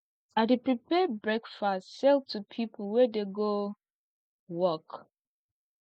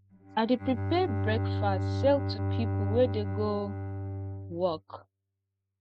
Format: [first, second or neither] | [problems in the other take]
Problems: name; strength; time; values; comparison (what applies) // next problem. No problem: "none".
first | noise reduction (neural mask model RNNoise)